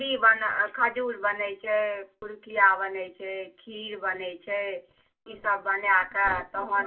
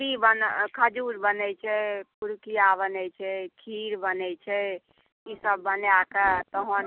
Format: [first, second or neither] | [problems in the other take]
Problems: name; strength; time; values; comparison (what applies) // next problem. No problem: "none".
second | room echo; dies away in 0.2 s